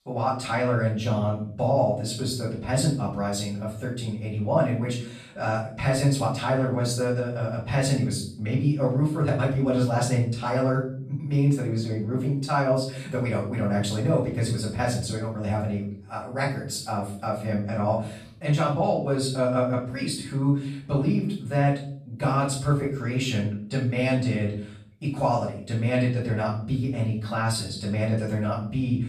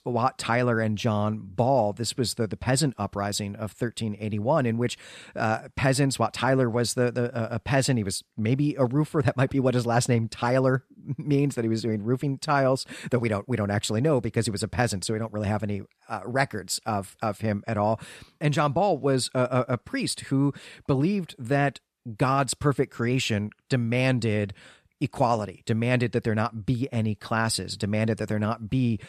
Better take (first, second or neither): second